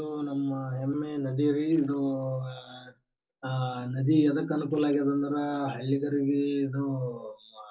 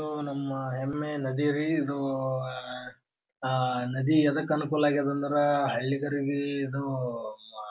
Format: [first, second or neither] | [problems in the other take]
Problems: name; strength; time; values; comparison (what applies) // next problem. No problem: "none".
second | noise reduction (neural separator model SepFormer DNS4)